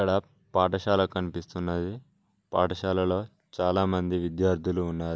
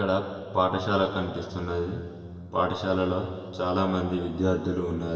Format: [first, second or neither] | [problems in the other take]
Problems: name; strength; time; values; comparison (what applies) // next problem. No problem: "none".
first | room echo; dies away in 2.6 s